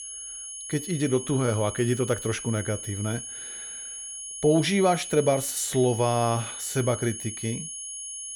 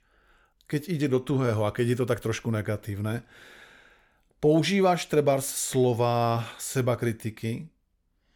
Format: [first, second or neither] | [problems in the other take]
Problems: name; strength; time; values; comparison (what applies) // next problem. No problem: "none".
second | high-pitched whine; loud; throughout; 10 kHz, 8 dB below the speech